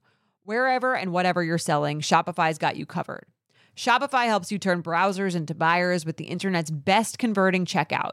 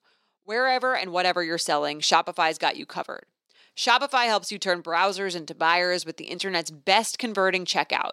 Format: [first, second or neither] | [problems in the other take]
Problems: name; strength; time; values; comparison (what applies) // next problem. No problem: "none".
first | thin; somewhat; fading below 300 Hz